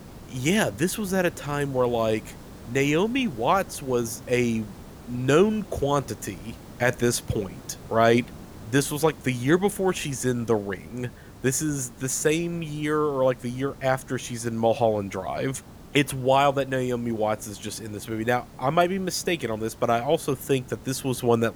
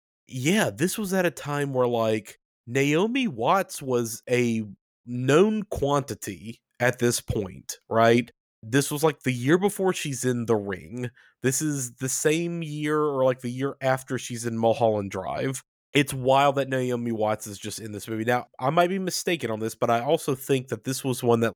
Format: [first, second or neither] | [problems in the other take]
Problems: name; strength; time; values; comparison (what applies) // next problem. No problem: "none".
second | hiss; noticeable; throughout; 20 dB below the speech